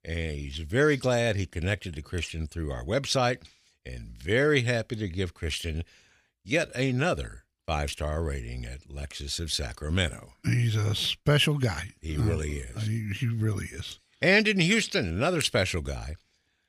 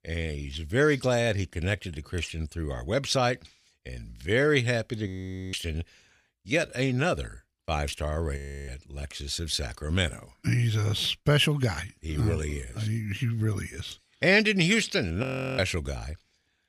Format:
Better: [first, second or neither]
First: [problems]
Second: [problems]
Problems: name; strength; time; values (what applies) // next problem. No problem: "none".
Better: first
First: none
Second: audio freezing; at 5 s, at 8.5 s and at 15 s